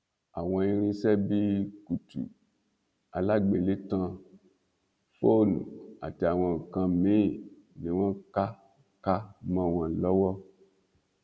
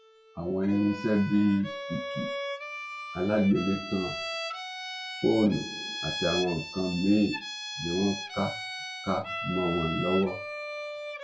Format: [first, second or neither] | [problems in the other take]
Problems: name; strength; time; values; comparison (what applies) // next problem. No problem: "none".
first | noise reduction (classical method WPE with log-MMSE)